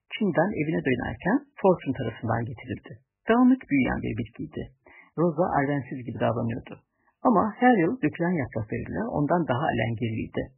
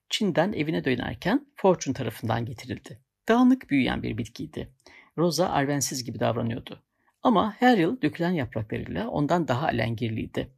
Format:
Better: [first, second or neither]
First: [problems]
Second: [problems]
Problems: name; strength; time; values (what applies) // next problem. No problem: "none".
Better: second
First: garbled, watery; badly; nothing above 3 kHz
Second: none